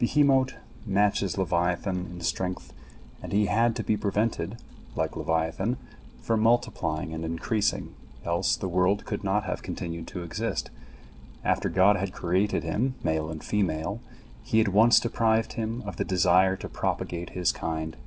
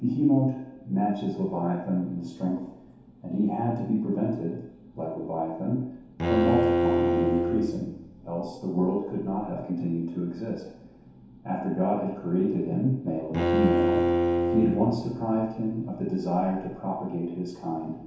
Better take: first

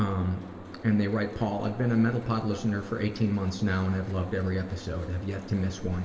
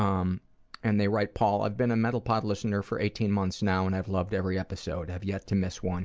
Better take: second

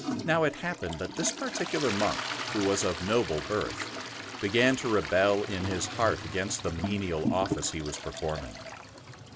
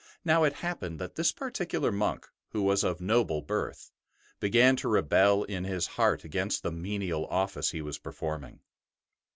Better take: second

